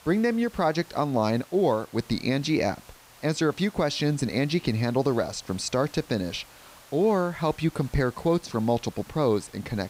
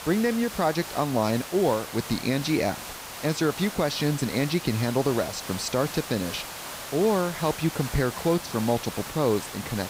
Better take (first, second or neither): first